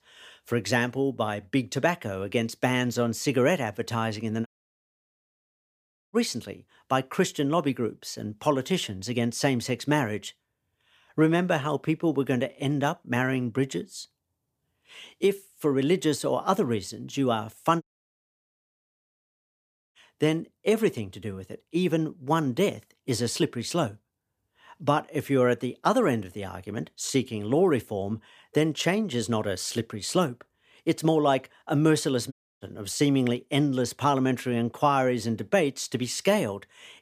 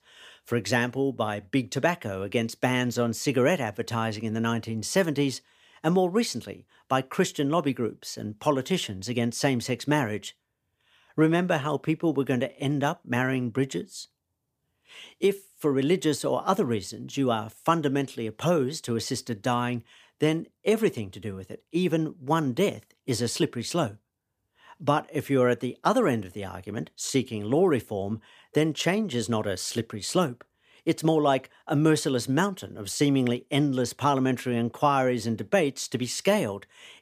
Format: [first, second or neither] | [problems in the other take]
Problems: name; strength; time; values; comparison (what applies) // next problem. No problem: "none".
second | audio cutting out; at 4.5 s for 1.5 s, at 18 s for 2 s and at 32 s